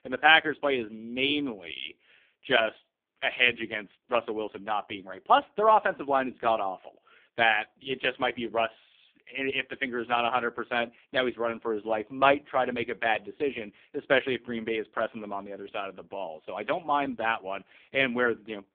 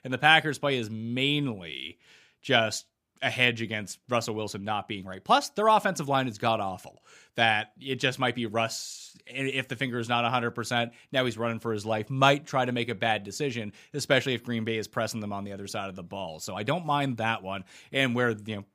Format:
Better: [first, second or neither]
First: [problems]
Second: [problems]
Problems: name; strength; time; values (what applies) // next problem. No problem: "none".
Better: second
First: phone-call audio; poor line; nothing above 3.5 kHz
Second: none